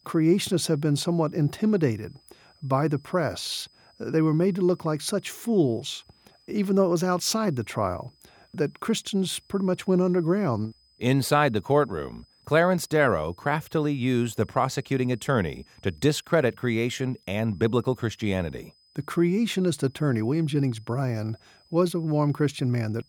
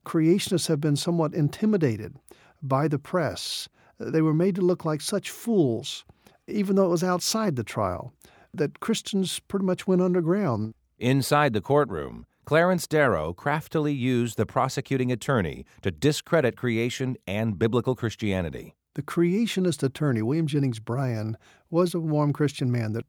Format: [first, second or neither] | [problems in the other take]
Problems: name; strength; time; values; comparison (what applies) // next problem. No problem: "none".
second | high-pitched whine; faint; throughout; 5 kHz, 35 dB below the speech